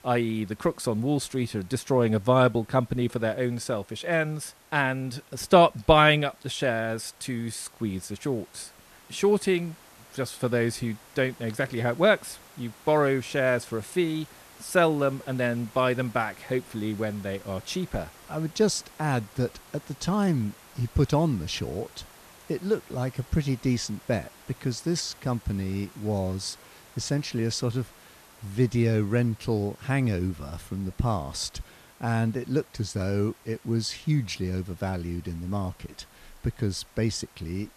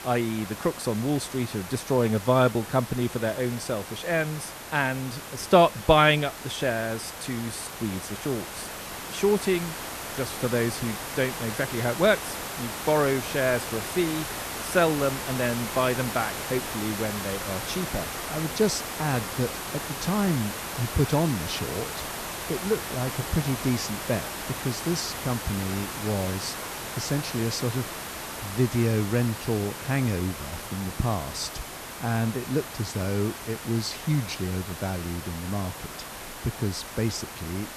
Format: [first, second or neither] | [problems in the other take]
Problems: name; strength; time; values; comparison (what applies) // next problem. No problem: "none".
first | hiss; loud; throughout; 7 dB below the speech; faint in the first